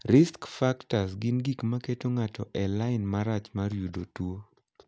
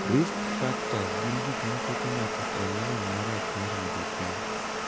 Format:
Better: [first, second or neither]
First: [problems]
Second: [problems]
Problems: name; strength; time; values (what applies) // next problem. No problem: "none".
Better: first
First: none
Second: background sound (Domestic sounds, home sounds); 2 dB above the speech